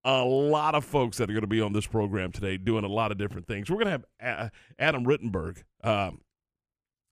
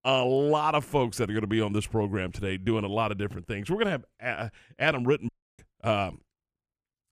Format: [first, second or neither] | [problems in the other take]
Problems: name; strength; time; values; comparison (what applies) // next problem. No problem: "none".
first | audio cutting out; at 5.5 s